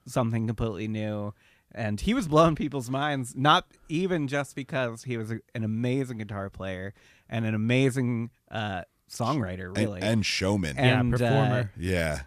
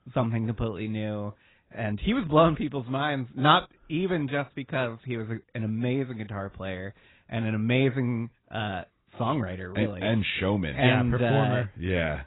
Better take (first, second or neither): first